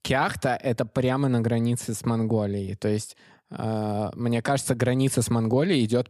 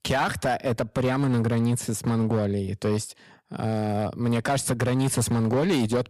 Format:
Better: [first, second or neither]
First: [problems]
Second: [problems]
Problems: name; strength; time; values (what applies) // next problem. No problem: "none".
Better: first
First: none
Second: distortion; slight; 11% of the sound clipped